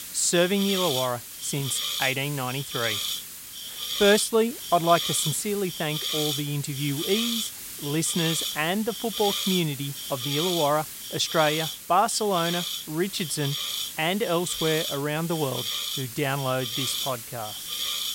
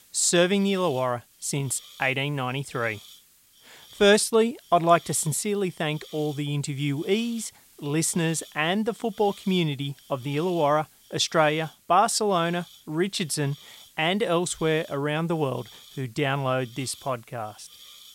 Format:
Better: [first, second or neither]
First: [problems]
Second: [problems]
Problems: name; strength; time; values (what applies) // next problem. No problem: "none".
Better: second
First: hiss; loud; throughout; 3 dB below the speech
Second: hiss; faint; throughout; 25 dB below the speech